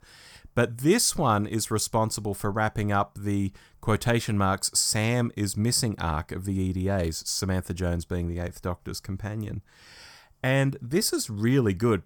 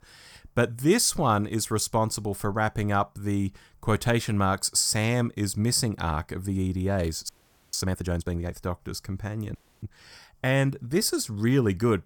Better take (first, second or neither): first